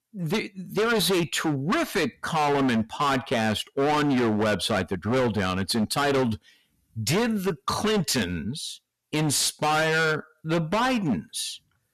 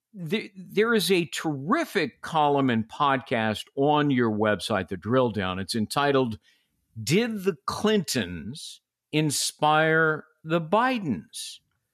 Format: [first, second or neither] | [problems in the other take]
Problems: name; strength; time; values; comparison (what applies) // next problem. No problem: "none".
second | distortion; heavy; 20% of the sound clipped